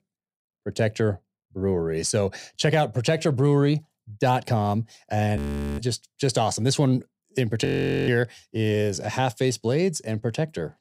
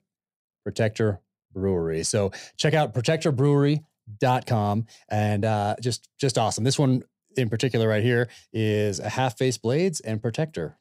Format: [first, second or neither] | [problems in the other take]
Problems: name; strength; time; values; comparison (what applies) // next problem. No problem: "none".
second | audio freezing; at 5.5 s and at 7.5 s